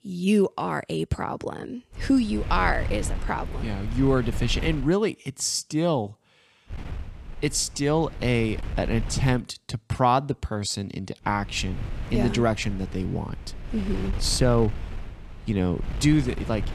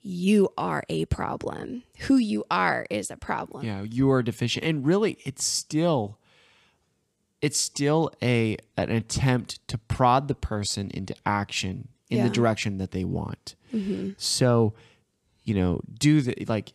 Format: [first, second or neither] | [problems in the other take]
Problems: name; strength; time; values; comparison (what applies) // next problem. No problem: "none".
second | wind noise on the microphone; occasional gusts; from 2 to 5 s, from 6.5 to 9.5 s and from 11 s on; 15 dB below the speech